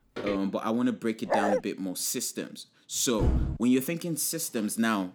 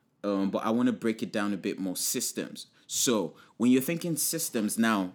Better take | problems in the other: second | footsteps; noticeable; at the start; peak 8 dB below the speech // dog barking; loud; at 1.5 s; peak 2 dB above the speech // door banging; loud; at 3 s; peak 1 dB above the speech

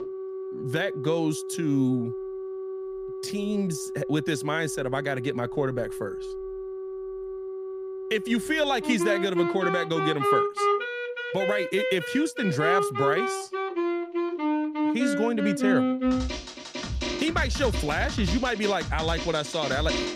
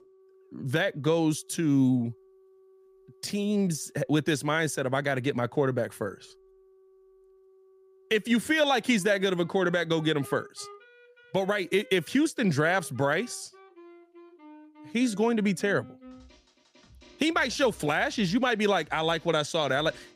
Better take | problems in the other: second | background music; loud; throughout; 2 dB below the speech; faint in the second

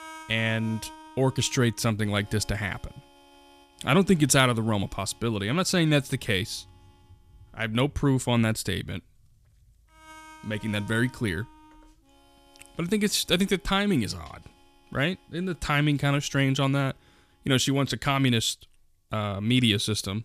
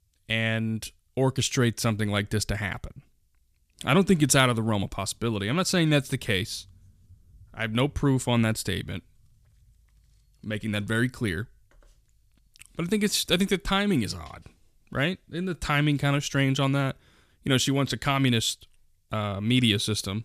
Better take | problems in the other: second | background music; faint; throughout; 25 dB below the speech

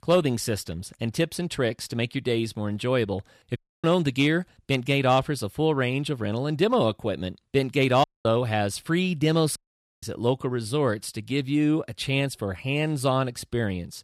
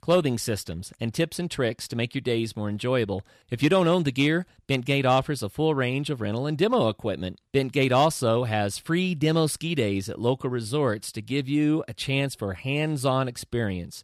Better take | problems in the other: second | audio cutting out; at 3.5 s, at 8 s and at 9.5 s

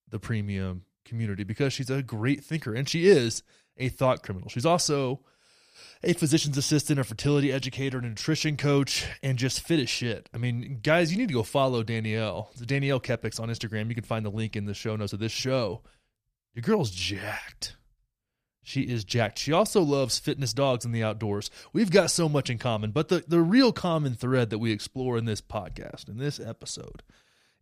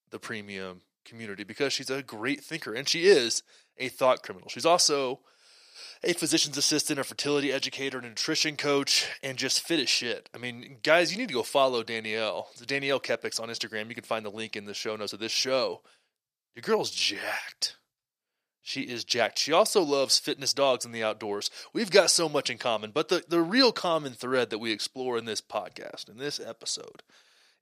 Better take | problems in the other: first | thin; somewhat; fading below 400 Hz

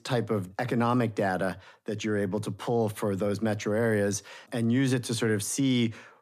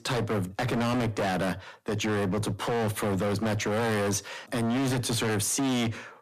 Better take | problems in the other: first | distortion; heavy; 35% of the sound clipped

